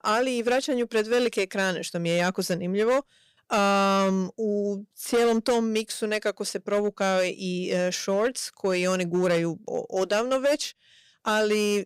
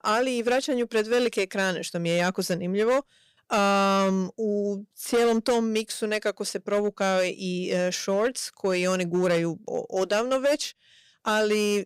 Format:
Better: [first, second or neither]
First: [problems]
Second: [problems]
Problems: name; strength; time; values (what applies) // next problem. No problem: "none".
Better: neither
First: distortion; slight; 8% of the sound clipped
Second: distortion; slight; 8% of the sound clipped